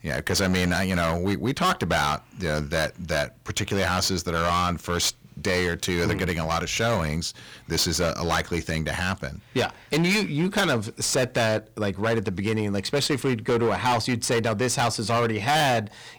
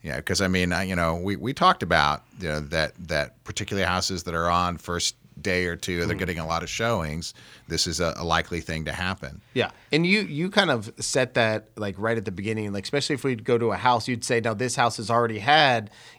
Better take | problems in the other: second | distortion; heavy; 15% of the sound clipped

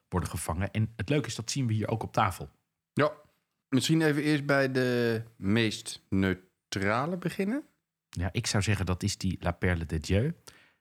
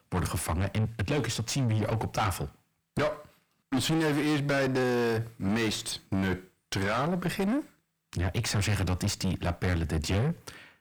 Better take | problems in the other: first | distortion; heavy; 5 dB below the speech

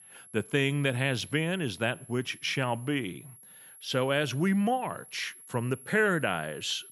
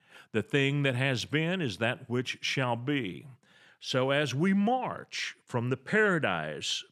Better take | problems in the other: second | high-pitched whine; noticeable; throughout; 11 kHz, 20 dB below the speech

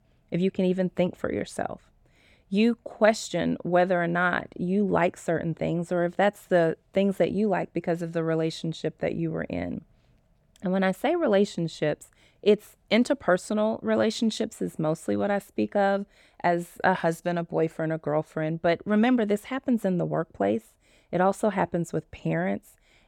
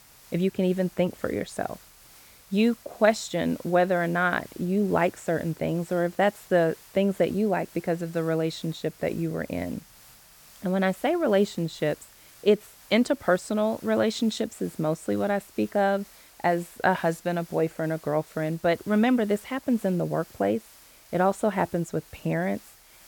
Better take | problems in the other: first | hiss; faint; throughout; 25 dB below the speech

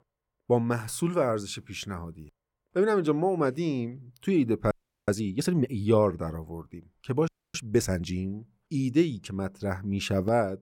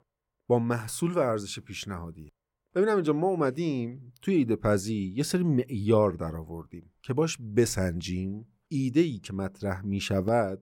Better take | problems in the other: second | audio freezing; at 4.5 s and at 7.5 s

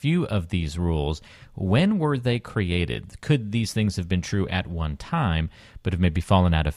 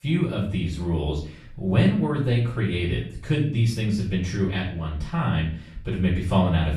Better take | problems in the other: first | off-mic speech; far // room echo; noticeable; dies away in 0.4 s

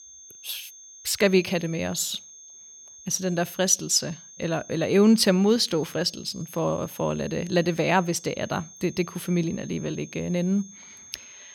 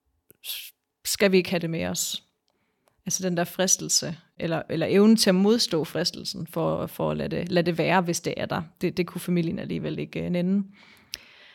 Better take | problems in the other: second | high-pitched whine; noticeable; throughout; 6.5 kHz, 20 dB below the speech

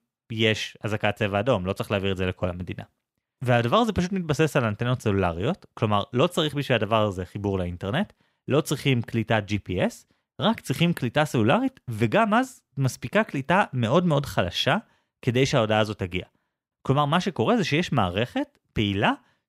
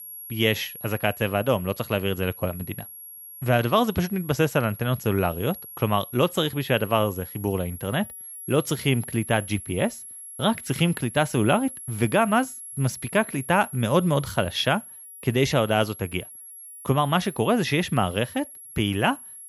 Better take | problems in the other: first | high-pitched whine; noticeable; throughout; 11 kHz, 15 dB below the speech

